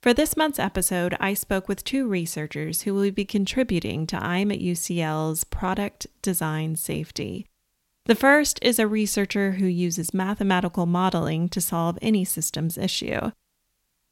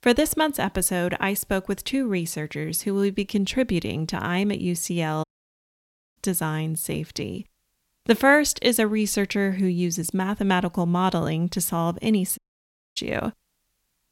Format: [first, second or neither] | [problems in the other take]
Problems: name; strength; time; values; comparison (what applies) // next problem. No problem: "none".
first | audio cutting out; at 5 s for 1 s and at 12 s for 0.5 s